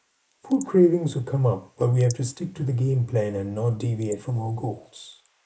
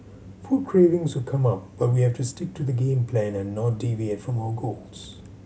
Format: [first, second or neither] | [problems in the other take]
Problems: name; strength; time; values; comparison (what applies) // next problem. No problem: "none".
second | noise reduction (neural mask model Resemble Enhance denoiser)